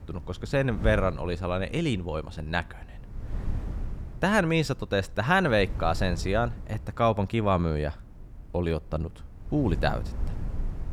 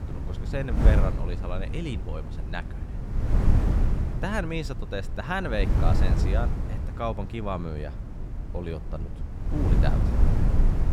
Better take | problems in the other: first | wind noise on the microphone; heavy; 5 dB below the speech; occasional gusts in the first

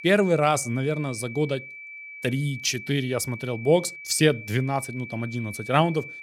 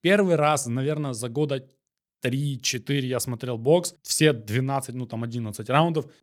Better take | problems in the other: second | high-pitched whine; noticeable; throughout; 2.5 kHz, 15 dB below the speech

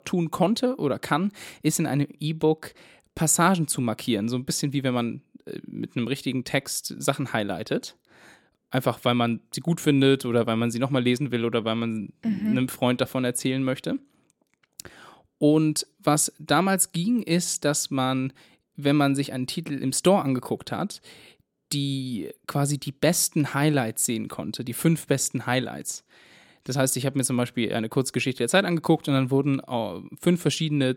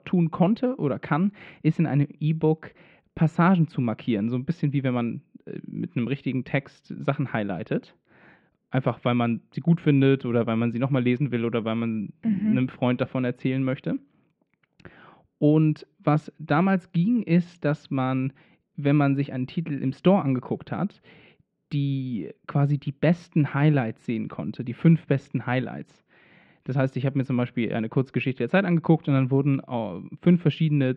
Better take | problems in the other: first | muffled; very; fading above 2.5 kHz

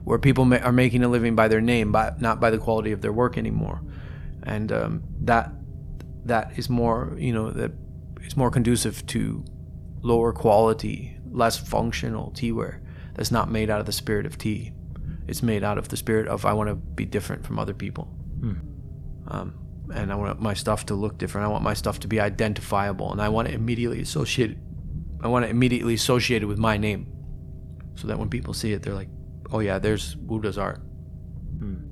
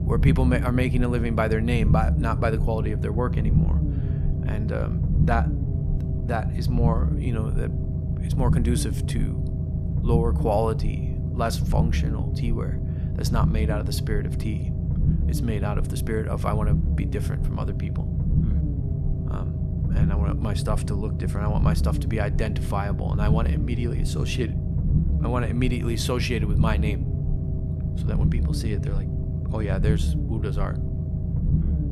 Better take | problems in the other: first | low rumble; loud; throughout; 6 dB below the speech; faint in the first

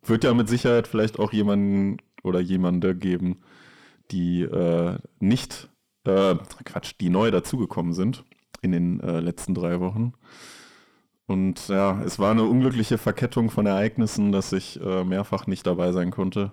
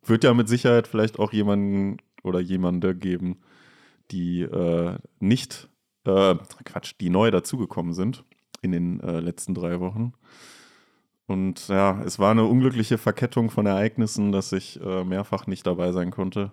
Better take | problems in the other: second | distortion; slight; 9 dB below the speech

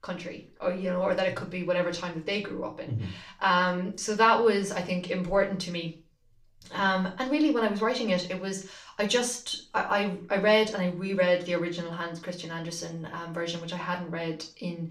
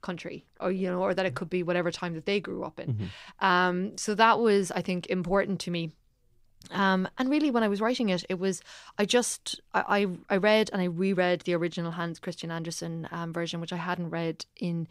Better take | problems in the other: second | room echo; slight; dies away in 0.4 s // off-mic speech; somewhat distant

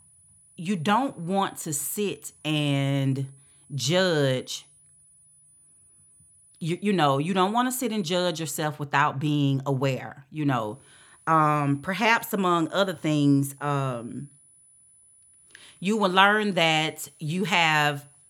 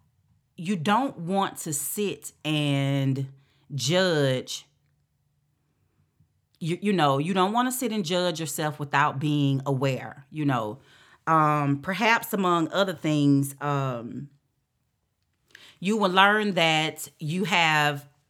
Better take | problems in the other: second | high-pitched whine; faint; until 8.5 s and from 11 s on; 10 kHz, 30 dB below the speech

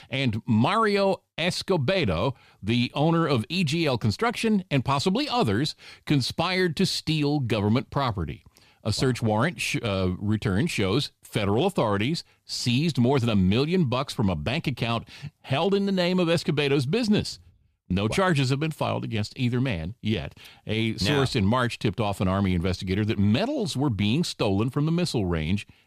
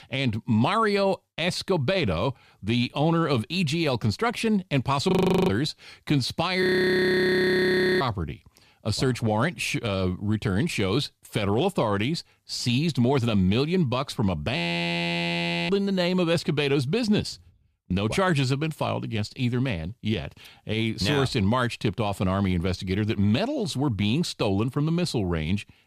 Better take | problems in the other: first | audio freezing; at 5 s, at 6.5 s for 1.5 s and at 15 s for 1 s

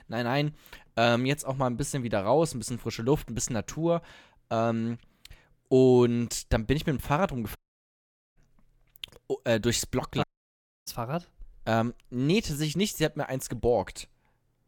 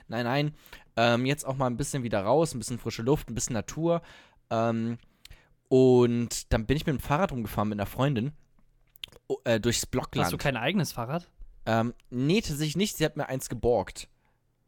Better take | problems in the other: second | audio cutting out; at 7.5 s for 1 s and at 10 s for 0.5 s

